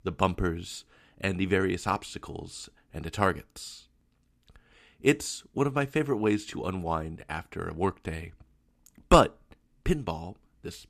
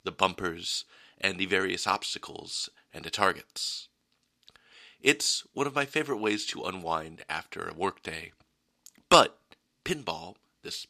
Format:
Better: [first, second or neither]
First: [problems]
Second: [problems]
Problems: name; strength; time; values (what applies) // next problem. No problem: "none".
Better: first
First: none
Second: thin; somewhat; fading below 1 kHz